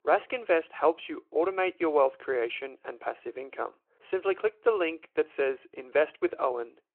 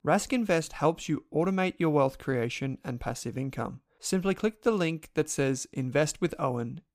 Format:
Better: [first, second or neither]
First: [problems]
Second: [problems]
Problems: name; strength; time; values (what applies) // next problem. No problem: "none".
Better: second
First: phone-call audio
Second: none